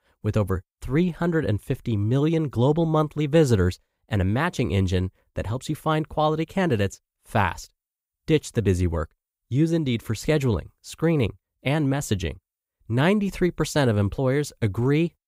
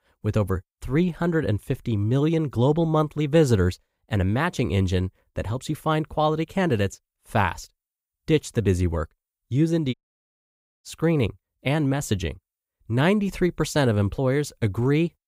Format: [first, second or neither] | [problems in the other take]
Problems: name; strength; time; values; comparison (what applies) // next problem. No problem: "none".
first | audio cutting out; at 10 s for 1 s